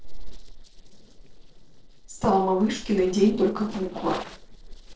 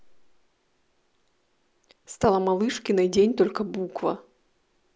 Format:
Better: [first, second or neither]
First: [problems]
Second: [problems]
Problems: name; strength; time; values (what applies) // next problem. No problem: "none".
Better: second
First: noise reduction (neural separator model SepFormer DNS4)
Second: none